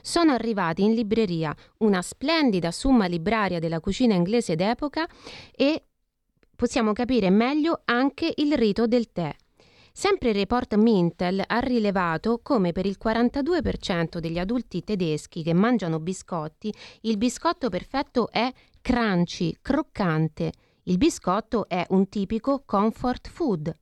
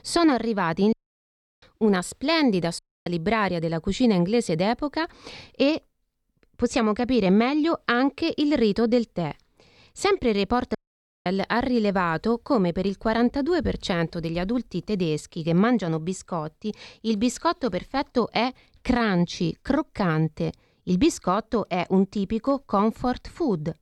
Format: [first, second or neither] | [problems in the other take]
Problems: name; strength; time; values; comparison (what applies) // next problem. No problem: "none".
first | audio cutting out; at 1 s for 0.5 s, at 3 s and at 11 s for 0.5 s